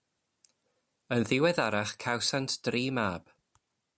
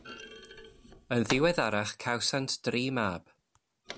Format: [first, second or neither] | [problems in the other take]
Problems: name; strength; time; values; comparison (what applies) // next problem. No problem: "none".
first | background sound (Thump, thud); 14 dB below the speech